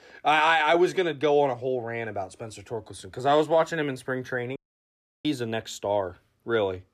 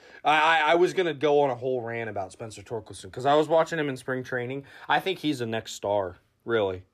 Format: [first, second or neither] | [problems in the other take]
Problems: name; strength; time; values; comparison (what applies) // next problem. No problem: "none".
second | audio cutting out; at 4.5 s for 0.5 s